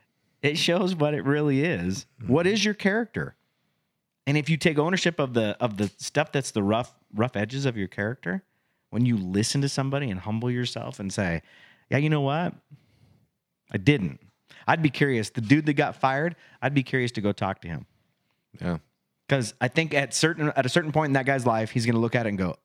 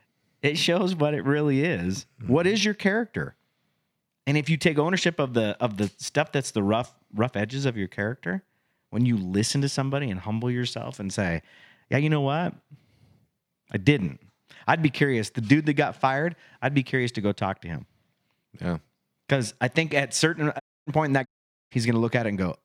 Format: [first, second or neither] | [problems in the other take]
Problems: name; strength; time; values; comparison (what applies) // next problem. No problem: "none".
first | audio cutting out; at 21 s